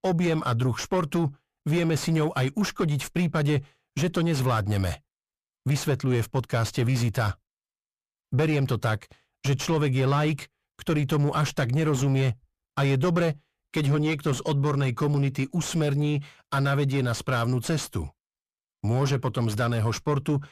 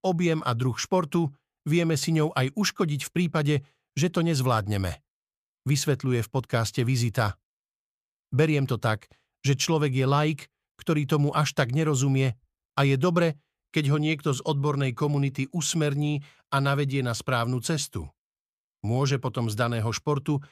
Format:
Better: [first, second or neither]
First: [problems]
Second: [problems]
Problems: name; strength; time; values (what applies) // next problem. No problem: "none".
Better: second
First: distortion; slight; 9 dB below the speech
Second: none